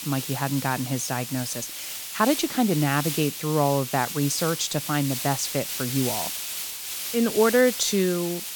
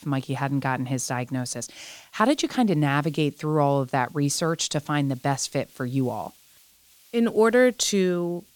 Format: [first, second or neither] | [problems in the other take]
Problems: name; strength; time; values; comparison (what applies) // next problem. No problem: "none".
second | hiss; loud; throughout; 5 dB below the speech; faint in the second